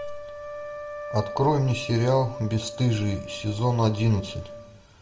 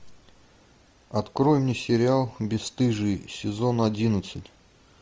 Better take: second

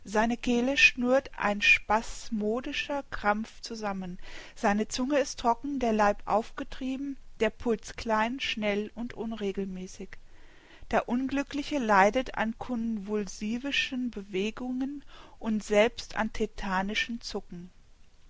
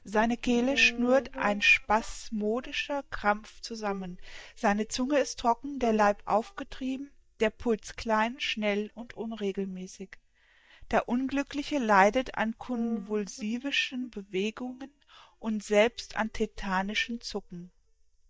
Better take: first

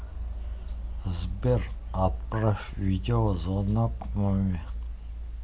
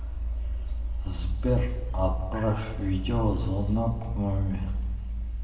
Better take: first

